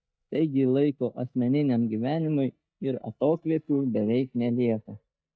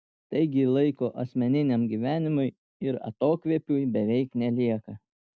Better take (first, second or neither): second